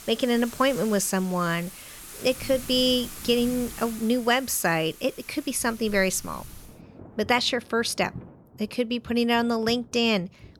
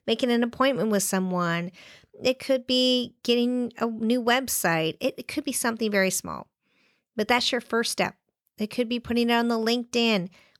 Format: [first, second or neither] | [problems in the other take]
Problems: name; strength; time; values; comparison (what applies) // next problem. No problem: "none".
second | rain or running water; noticeable; throughout; 15 dB below the speech